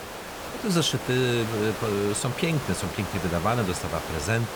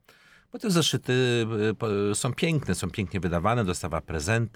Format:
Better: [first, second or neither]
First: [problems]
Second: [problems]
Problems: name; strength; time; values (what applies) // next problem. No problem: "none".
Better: second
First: hiss; loud; throughout; 7 dB below the speech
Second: none